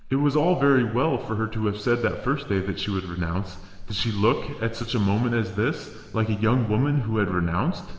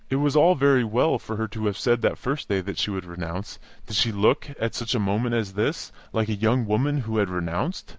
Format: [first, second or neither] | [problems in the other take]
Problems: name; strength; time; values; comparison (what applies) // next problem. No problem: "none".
second | room echo; dies away in 3 s